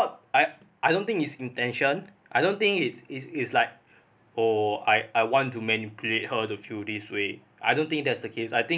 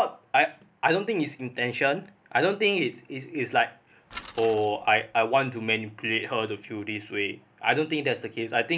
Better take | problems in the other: first | background sound (Bicycle); 18 dB below the speech

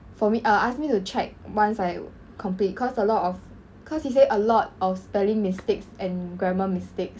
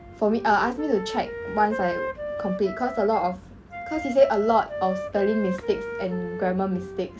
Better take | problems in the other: first | background sound (Wind instrument, woodwind instrument); 9 dB below the speech

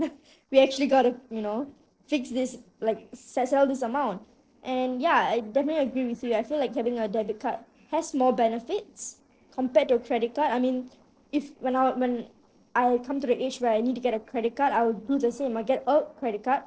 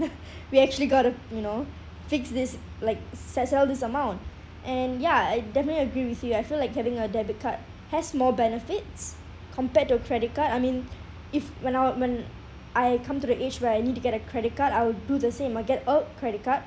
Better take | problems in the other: second | noise reduction (neural separator model SepFormer DNS4)

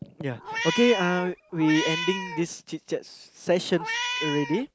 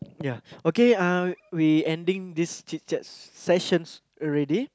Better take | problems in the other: second | background sound (Meow); 5 dB below the speech

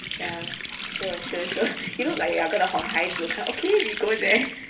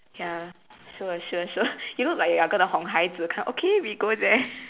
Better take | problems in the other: second | background sound (Water tap, faucet); 7 dB below the speech // room echo; dies away in 0.3 s

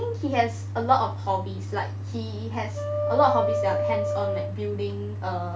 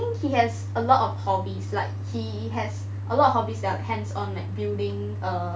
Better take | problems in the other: second | background sound (Wind instrument, woodwind instrument); 2 dB below the speech

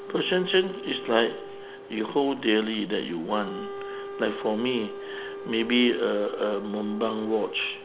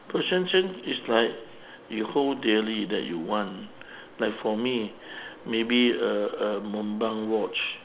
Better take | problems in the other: second | background sound (Wind instrument, woodwind instrument); 12 dB below the speech

